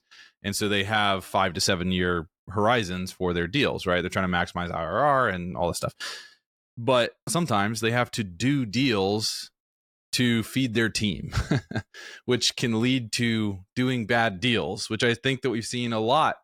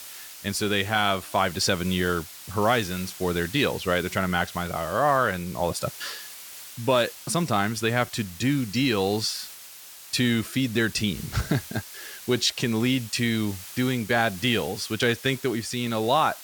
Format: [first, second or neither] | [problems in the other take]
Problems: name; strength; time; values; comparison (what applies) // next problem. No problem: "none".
first | hiss; noticeable; throughout; 15 dB below the speech